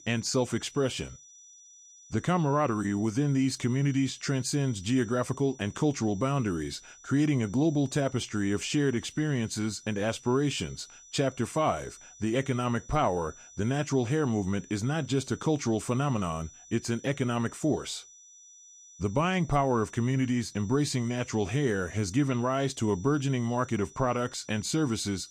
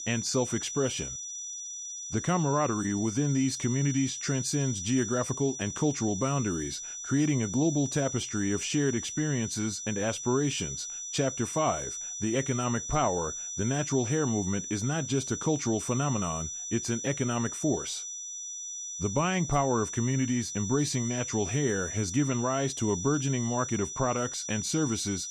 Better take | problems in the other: first | high-pitched whine; loud; throughout; 6 kHz, 5 dB below the speech; faint in the first

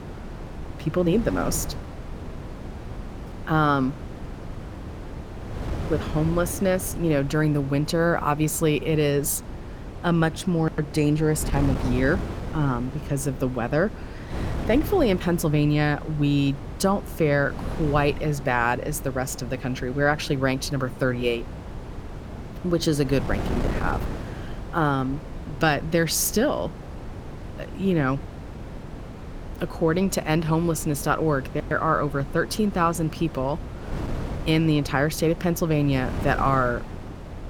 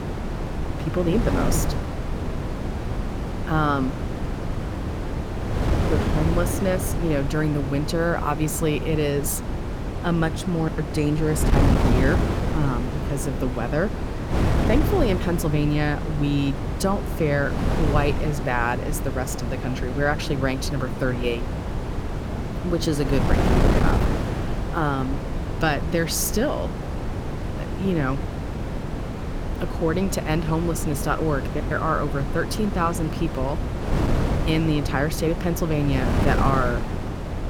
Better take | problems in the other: first | wind noise on the microphone; heavy; 5 dB below the speech; occasional gusts in the first

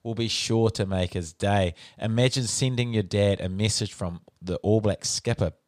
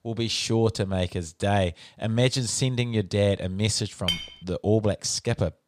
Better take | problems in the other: first | clattering dishes; noticeable; at 4 s; peak 2 dB below the speech

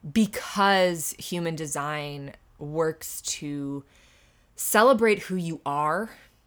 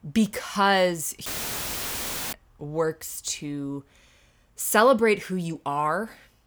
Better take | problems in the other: first | audio cutting out; filled with static; at 1.5 s for 1 s

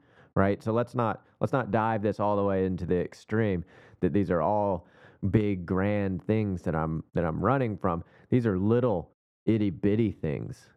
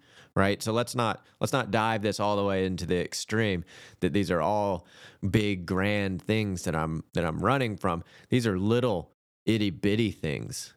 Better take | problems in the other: second | muffled; very; fading above 2.5 kHz

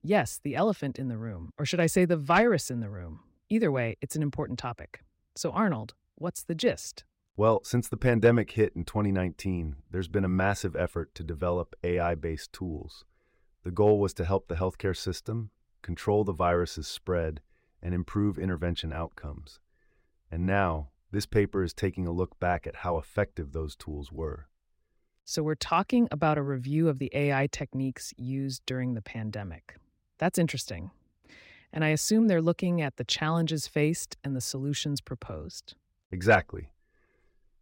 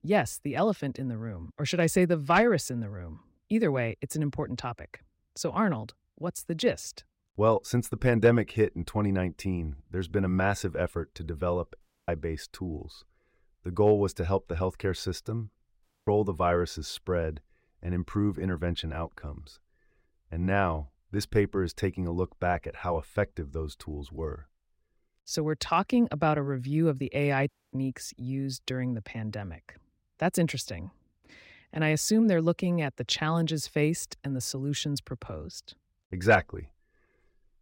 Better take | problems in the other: first | audio cutting out; at 12 s, at 16 s and at 27 s

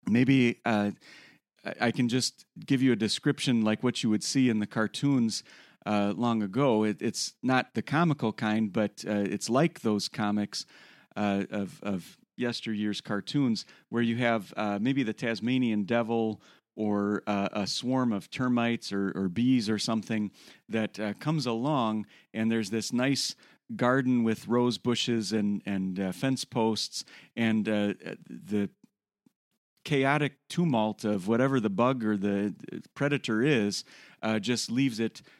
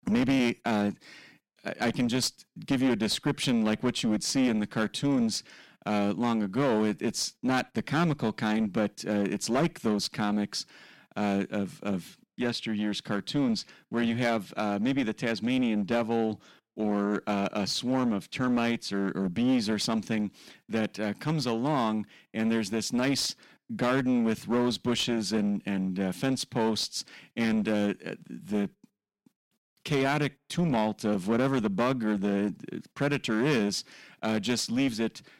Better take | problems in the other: first | distortion; slight; 10% of the sound clipped

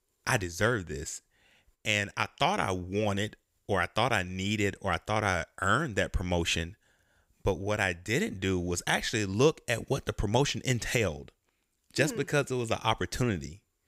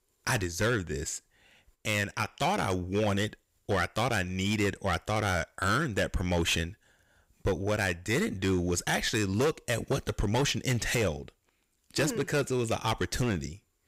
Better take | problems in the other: first | distortion; heavy; 8% of the sound clipped

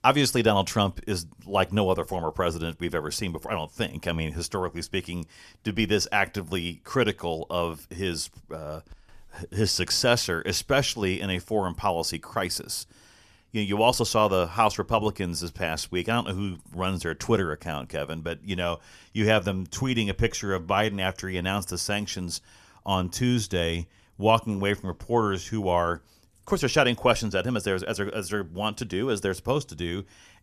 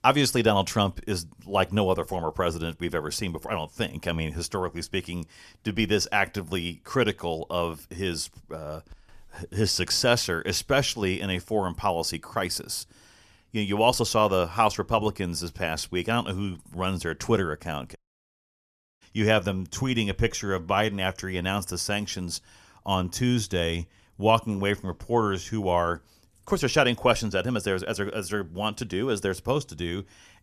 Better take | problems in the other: first | audio cutting out; at 18 s for 1 s

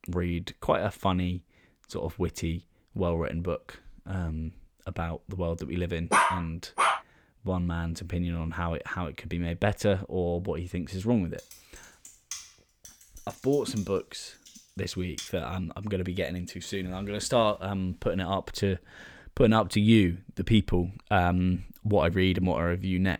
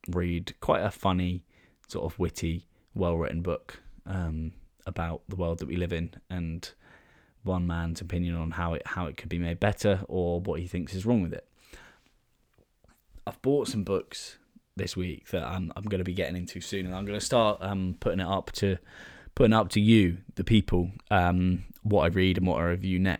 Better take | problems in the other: second | dog barking; loud; at 6 s; peak 6 dB above the speech // keyboard typing; faint; from 11 to 15 s; peak 10 dB below the speech

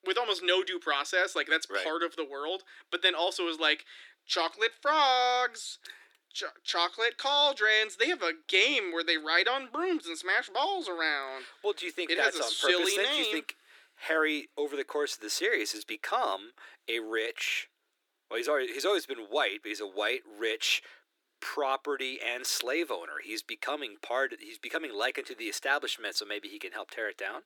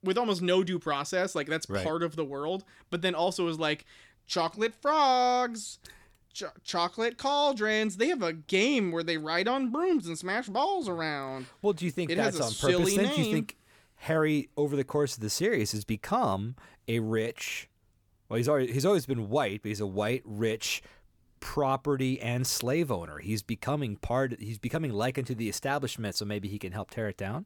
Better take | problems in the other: second | thin; very; fading below 300 Hz

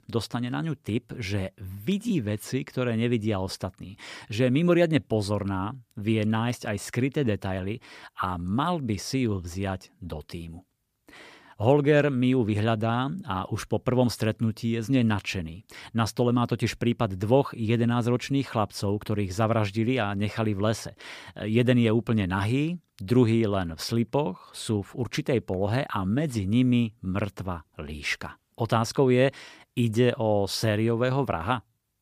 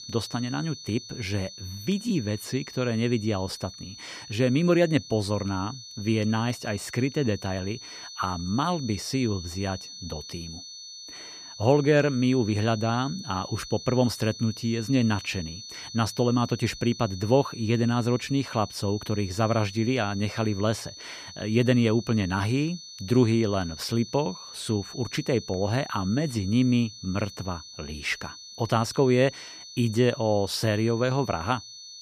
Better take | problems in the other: first | high-pitched whine; noticeable; throughout; 4.5 kHz, 15 dB below the speech

